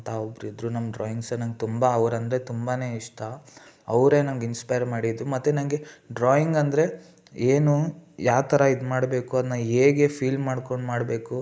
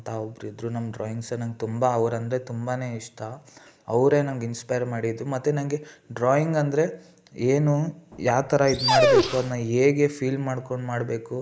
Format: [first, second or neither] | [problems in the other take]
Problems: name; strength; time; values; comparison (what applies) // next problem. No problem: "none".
first | background sound (Dog); 2 dB above the speech